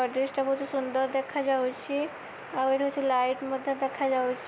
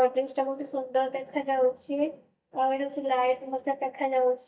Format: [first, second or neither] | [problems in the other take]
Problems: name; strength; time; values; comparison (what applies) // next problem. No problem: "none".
first | noise reduction (neural mask model DeepFilterNet 3)